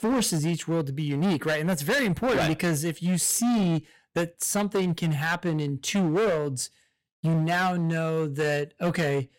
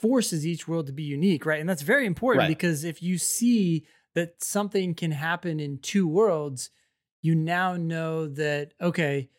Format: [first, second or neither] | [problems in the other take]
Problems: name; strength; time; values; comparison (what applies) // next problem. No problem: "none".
second | distortion; heavy; 20% of the sound clipped